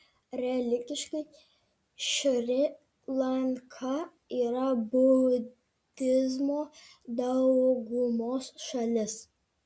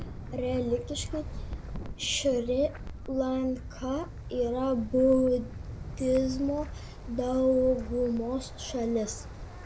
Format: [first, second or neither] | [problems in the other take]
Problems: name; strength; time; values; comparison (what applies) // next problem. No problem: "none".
first | background sound (Wind); 10 dB below the speech